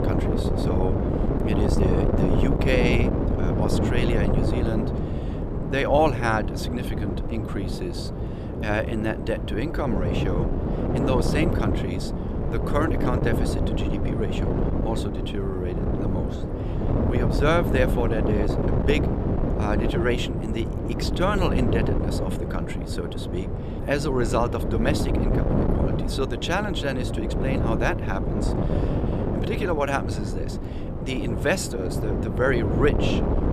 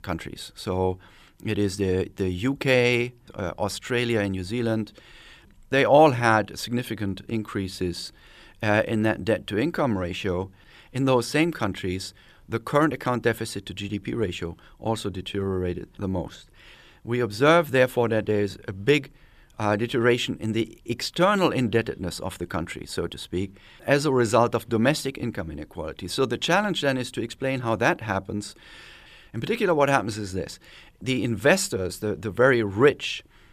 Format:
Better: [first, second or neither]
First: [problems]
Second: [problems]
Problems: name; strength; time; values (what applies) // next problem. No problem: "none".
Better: second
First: wind noise on the microphone; heavy; 3 dB below the speech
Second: none